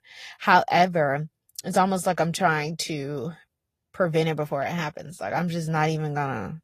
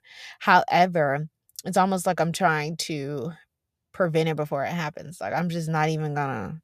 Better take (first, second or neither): second